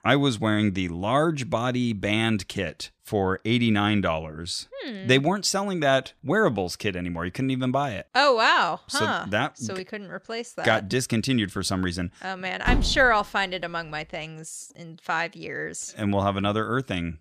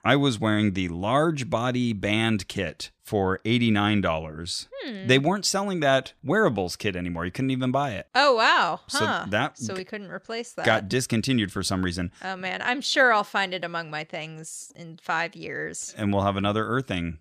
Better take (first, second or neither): second